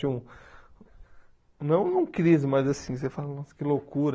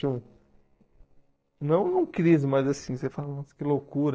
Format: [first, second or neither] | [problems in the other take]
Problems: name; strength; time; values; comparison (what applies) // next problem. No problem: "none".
first | noise reduction (neural separator model SepFormer DNS4)